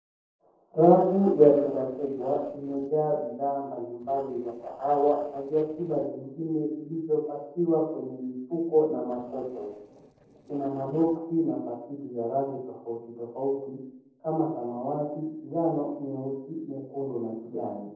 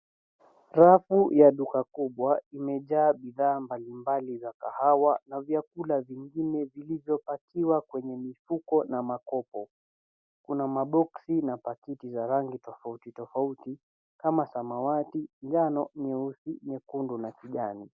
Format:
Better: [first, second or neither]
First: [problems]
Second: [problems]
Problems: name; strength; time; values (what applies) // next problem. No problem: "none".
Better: second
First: noise reduction (neural separator model SepFormer DNS4)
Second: none